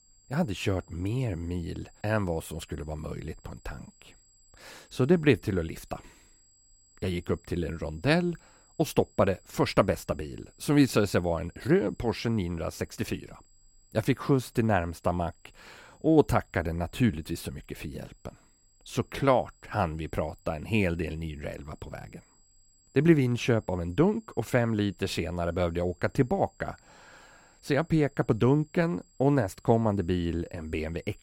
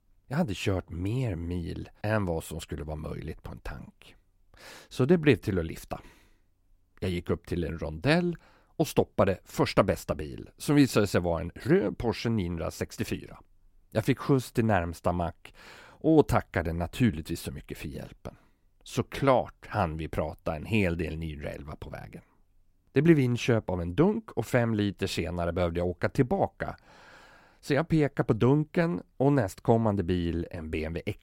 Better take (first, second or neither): second